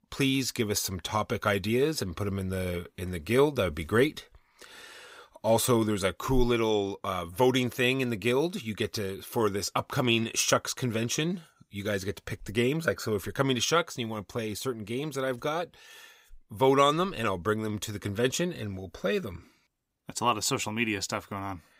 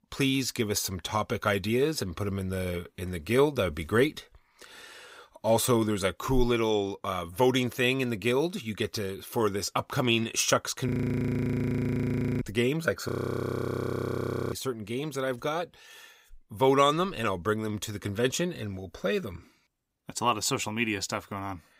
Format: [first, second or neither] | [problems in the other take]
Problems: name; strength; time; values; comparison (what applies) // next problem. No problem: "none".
first | audio freezing; at 11 s for 1.5 s and at 13 s for 1.5 s